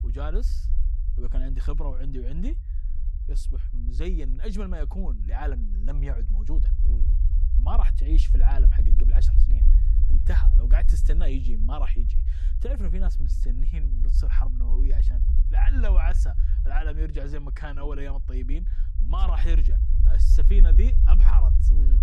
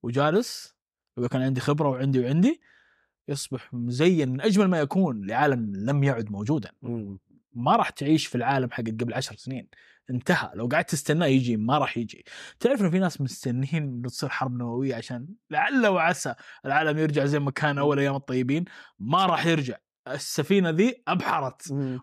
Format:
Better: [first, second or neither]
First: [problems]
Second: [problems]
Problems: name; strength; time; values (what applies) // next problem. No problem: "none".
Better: second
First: low rumble; loud; throughout; 7 dB below the speech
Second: none